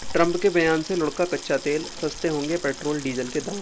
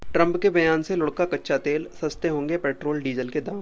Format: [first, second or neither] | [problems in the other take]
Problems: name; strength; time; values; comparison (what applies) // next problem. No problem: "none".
second | background sound (Sink (filling or washing) / Water tap, faucet); 15 dB below the speech